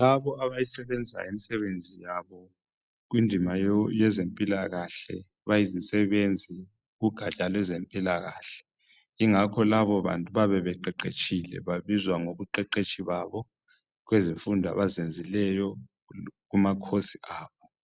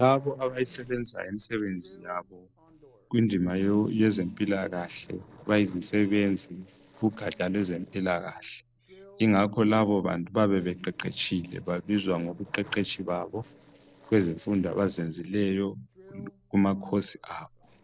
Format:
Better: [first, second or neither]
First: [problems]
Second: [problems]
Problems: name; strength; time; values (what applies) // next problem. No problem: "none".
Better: first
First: none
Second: noise reduction (neural separator model SepFormer DNS4)